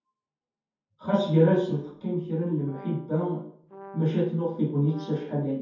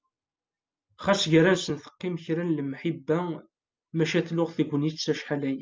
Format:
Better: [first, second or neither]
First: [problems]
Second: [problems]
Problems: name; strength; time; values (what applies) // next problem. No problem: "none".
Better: second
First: background sound (Brass instrument); 20 dB below the speech // room echo; dies away in 0.6 s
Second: none